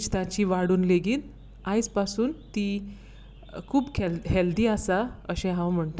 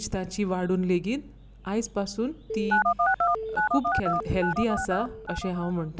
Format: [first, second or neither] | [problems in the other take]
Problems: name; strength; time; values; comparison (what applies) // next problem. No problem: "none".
first | background sound (Telephone); 2 dB above the speech